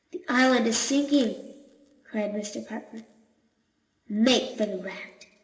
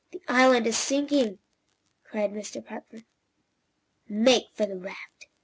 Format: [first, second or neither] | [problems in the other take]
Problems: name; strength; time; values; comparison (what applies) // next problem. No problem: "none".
second | room echo; dies away in 1.1 s